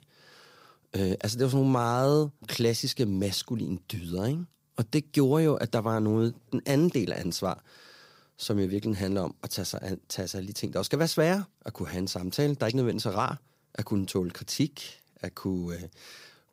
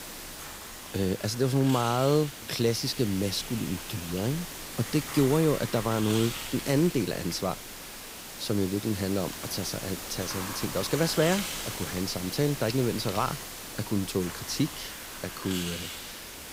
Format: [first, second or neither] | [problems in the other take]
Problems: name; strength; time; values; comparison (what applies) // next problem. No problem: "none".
first | hiss; loud; throughout; 8 dB below the speech